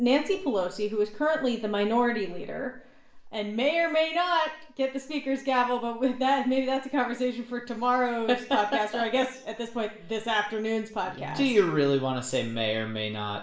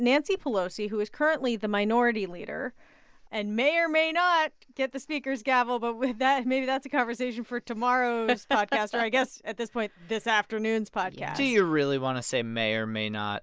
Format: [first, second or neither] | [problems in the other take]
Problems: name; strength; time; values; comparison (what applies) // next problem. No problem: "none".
second | room echo; dies away in 0.5 s